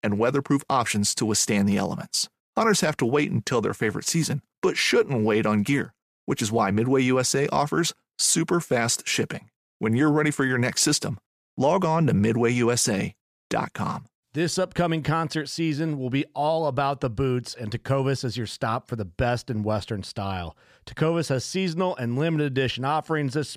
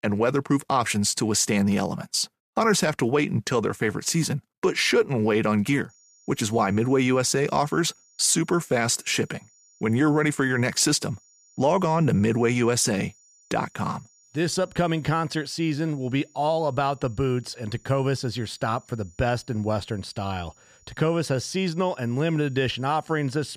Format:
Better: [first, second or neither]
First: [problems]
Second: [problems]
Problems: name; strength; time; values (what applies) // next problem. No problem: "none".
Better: first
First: none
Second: high-pitched whine; faint; from 6 s on; 7 kHz, 30 dB below the speech